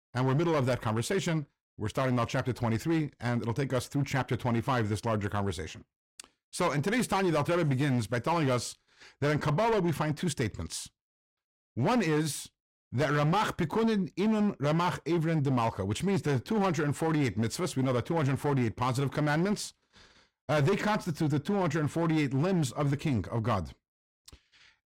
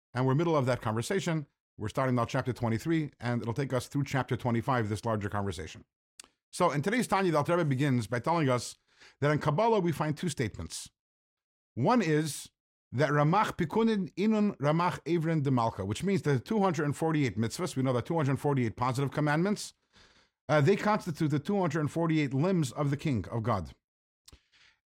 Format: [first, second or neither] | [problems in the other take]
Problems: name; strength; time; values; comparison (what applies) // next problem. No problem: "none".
second | distortion; slight; 11% of the sound clipped